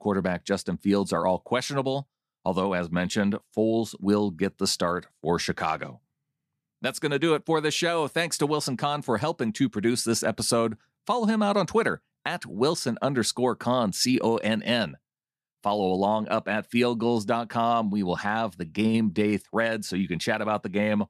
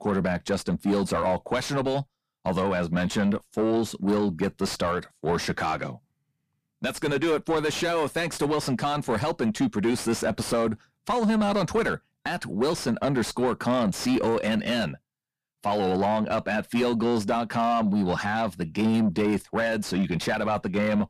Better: first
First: none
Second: distortion; heavy; 7 dB below the speech

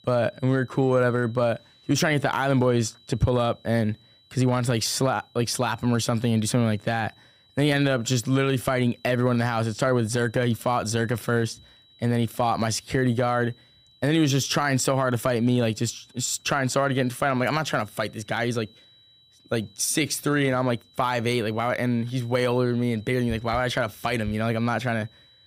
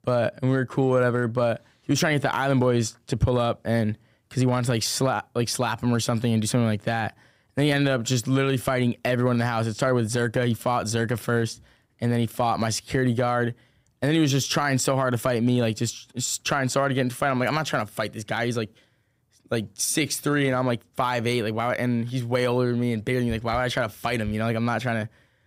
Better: second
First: high-pitched whine; faint; throughout; 4 kHz, 30 dB below the speech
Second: none

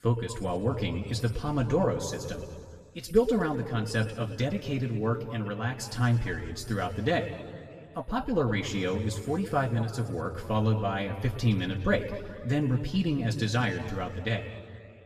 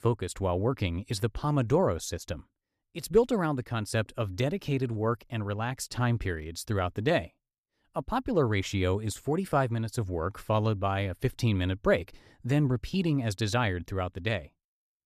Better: second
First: room echo; slight; dies away in 1.8 s // off-mic speech; somewhat distant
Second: none

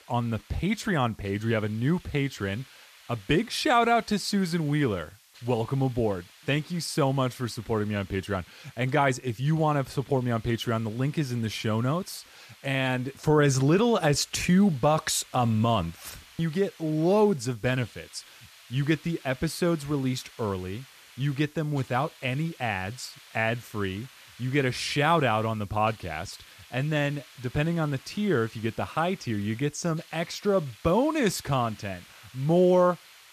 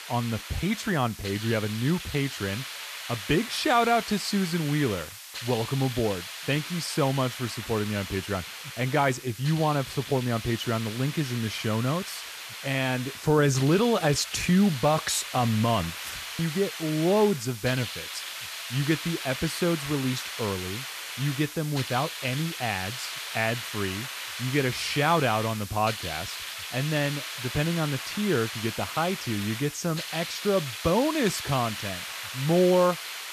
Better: first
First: hiss; faint; throughout; 25 dB below the speech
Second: hiss; loud; throughout; 8 dB below the speech

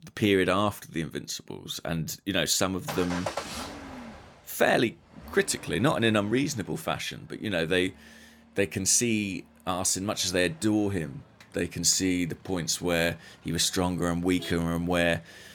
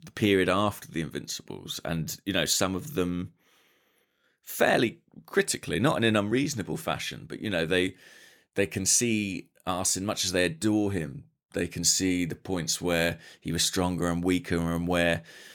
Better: second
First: traffic noise; noticeable; throughout; 15 dB below the speech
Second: none

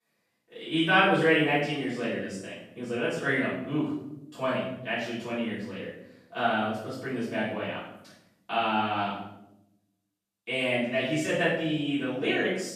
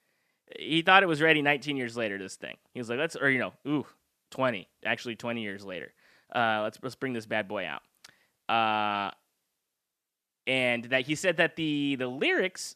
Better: second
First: off-mic speech; far // room echo; strong; dies away in 0.8 s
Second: none

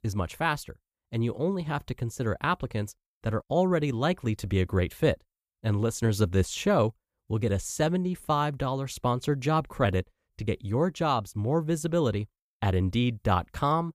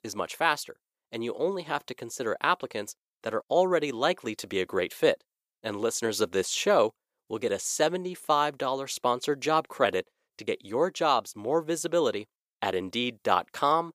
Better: first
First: none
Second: thin; somewhat; fading below 400 Hz

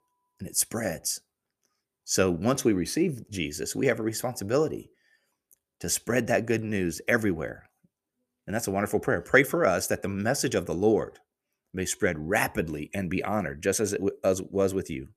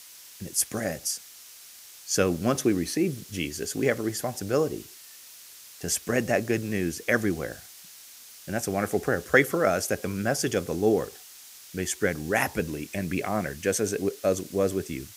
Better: first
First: none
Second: hiss; noticeable; throughout; 15 dB below the speech

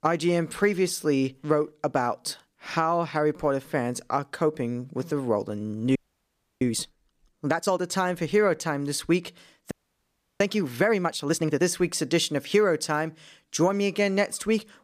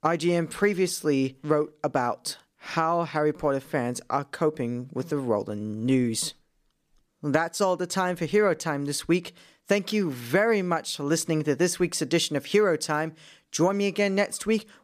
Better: second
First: audio freezing; at 6 s for 0.5 s and at 9.5 s for 0.5 s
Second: none

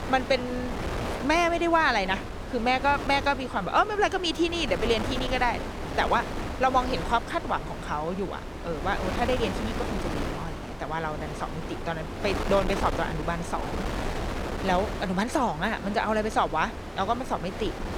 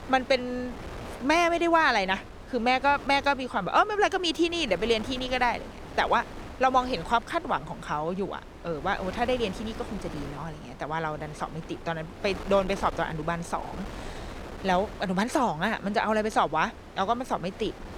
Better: second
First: wind noise on the microphone; heavy; 9 dB below the speech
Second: wind noise on the microphone; occasional gusts; 15 dB below the speech

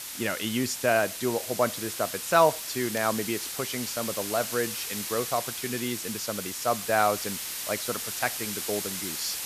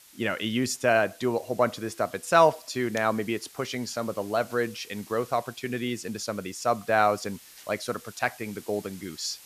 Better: second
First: hiss; loud; throughout; 4 dB below the speech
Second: hiss; faint; throughout; 20 dB below the speech

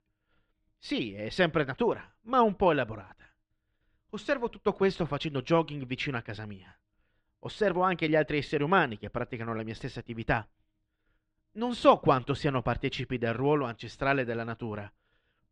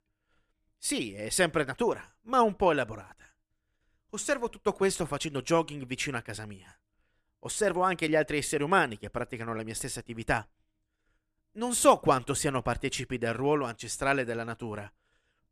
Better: second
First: muffled; slightly; fading above 4 kHz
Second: none

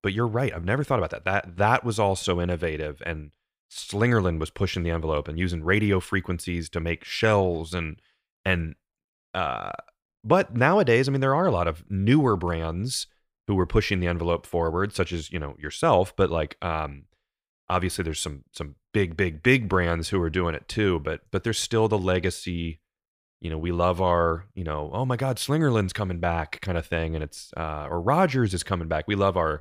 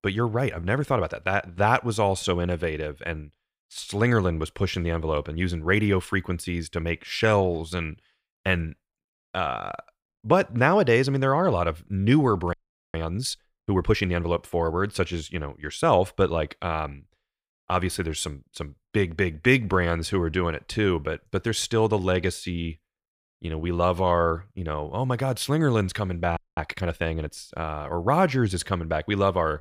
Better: first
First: none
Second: audio freezing; at 13 s and at 26 s

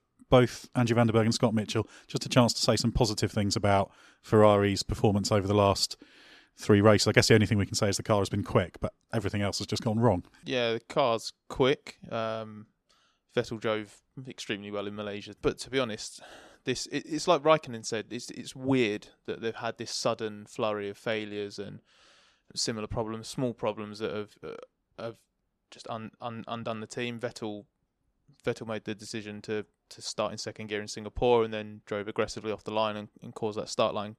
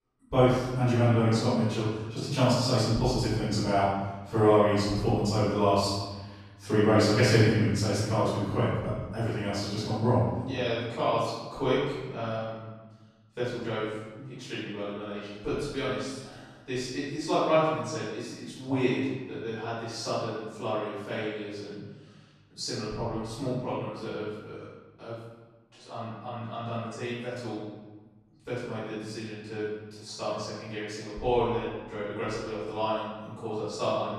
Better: first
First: none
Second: off-mic speech; far // room echo; strong; dies away in 1.2 s

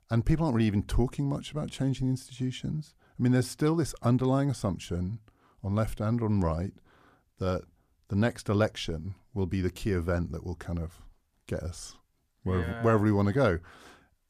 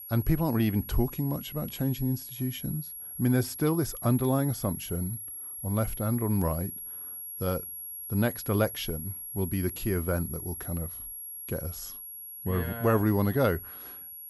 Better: first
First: none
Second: high-pitched whine; loud; throughout; 11.5 kHz, 8 dB below the speech

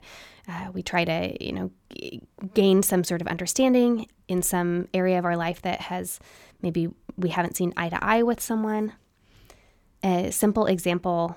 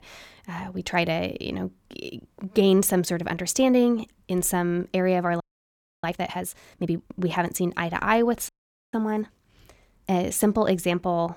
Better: first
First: none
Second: audio freezing; at 5.5 s for 0.5 s and at 8.5 s

